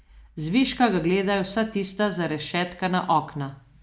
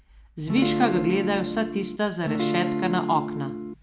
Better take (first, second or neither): first